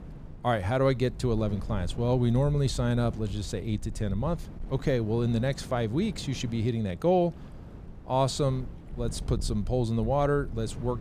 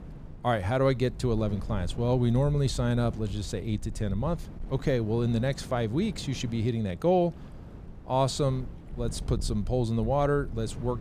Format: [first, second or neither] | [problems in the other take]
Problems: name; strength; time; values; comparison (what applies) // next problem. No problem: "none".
neither | wind noise on the microphone; occasional gusts; 20 dB below the speech; the same in both